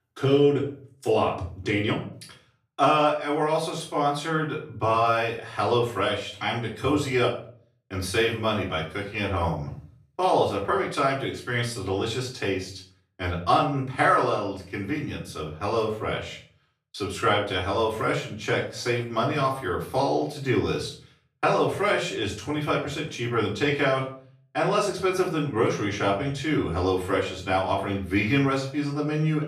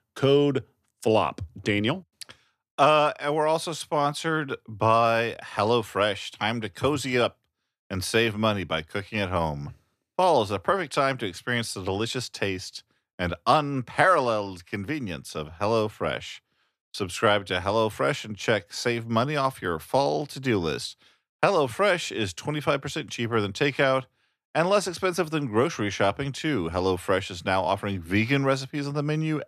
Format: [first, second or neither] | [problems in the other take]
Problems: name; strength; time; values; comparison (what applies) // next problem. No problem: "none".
second | off-mic speech; far // room echo; slight; dies away in 0.4 s